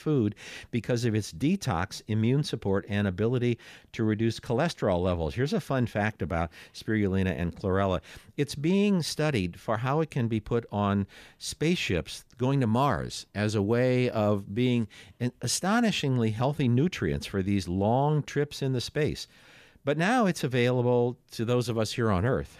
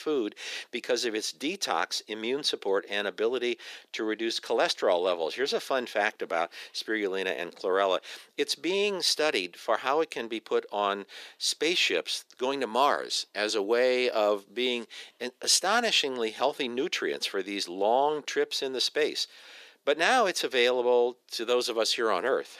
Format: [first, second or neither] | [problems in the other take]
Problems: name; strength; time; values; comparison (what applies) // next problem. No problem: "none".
first | thin; very; fading below 350 Hz